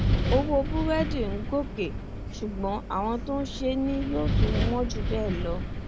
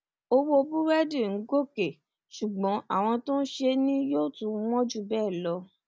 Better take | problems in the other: second | background sound (Wind); 1 dB above the speech

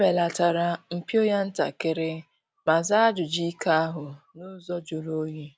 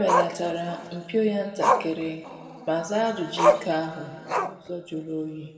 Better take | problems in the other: first | background sound (Growling); 1 dB above the speech // room echo; dies away in 2.1 s

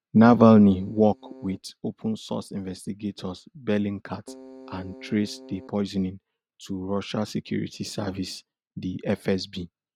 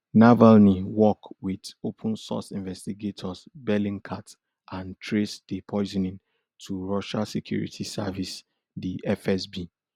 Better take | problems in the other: second | noise reduction (neural mask model RNNoise)

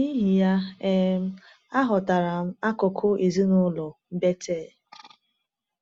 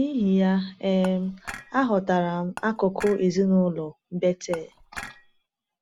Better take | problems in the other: first | background sound (Dishes, pots, and pans / Chink, clink); 16 dB below the speech

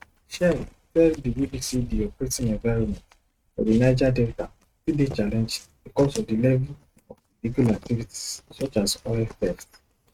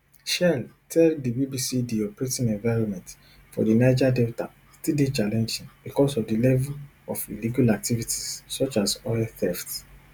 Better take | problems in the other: second | noise reduction (neural mask model RNNoise)

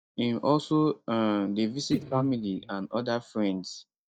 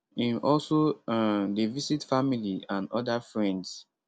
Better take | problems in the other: second | noise reduction (neural mask model DeepFilterNet 3)

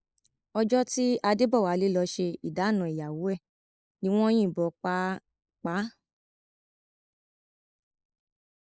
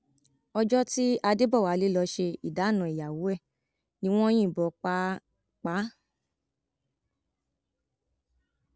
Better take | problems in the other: second | noise reduction (neural mask model Resemble Enhance denoiser)

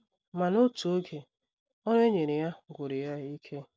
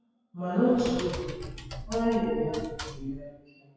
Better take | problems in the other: first | noise reduction (classical method WPE with log-MMSE)

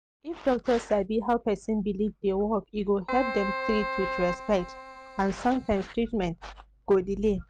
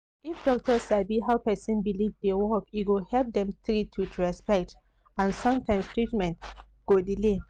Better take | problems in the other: second | background sound (Keyboard (musical)); 7 dB below the speech

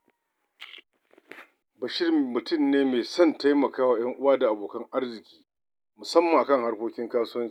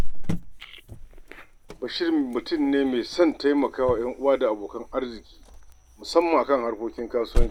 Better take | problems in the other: first | background sound (Cricket); 2 dB below the speech

